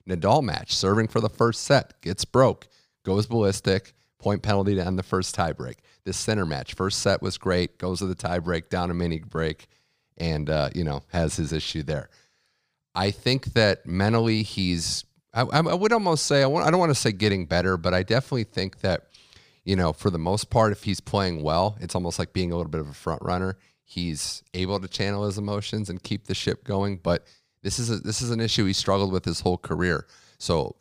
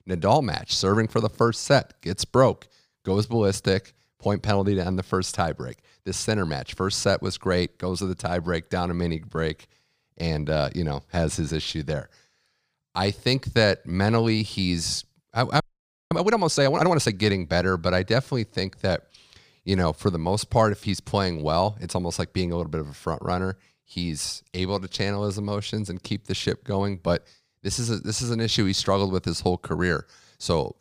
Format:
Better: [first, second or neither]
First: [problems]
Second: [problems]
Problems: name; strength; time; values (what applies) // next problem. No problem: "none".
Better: first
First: none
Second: audio freezing; at 16 s for 0.5 s